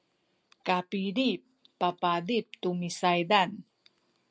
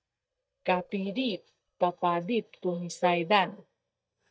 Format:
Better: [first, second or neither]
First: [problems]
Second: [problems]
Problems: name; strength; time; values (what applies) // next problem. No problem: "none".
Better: first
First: none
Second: noise reduction (neural mask model DeepFilterNet 3)